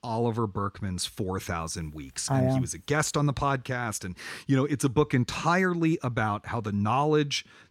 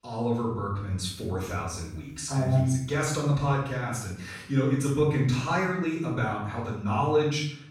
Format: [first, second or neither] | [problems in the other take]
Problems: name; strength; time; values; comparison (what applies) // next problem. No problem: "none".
first | off-mic speech; far // room echo; noticeable; dies away in 0.6 s